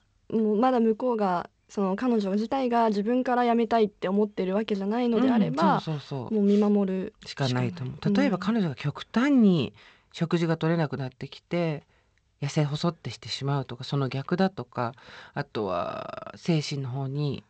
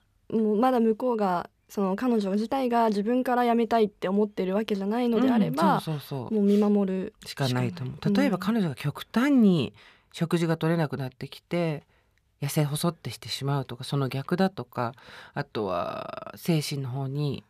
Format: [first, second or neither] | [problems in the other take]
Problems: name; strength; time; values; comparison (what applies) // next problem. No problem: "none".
second | garbled, watery; slightly; nothing above 8 kHz